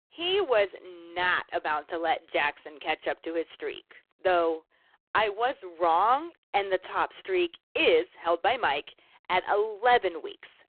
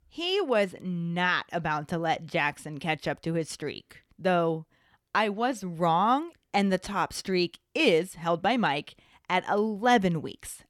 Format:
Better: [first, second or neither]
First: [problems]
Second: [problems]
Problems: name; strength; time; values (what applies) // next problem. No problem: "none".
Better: second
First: phone-call audio; poor line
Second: none